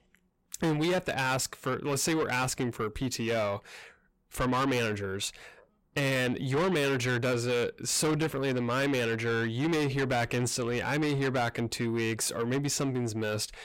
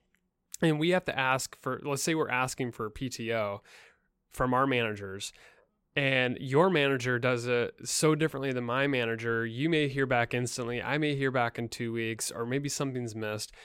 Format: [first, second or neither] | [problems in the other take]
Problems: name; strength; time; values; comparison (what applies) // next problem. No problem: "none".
second | distortion; heavy; 7 dB below the speech